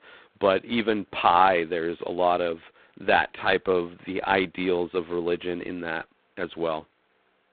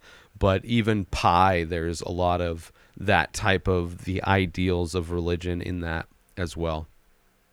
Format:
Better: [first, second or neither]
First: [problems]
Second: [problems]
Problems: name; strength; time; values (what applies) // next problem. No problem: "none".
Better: second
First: phone-call audio; poor line; nothing above 4 kHz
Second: none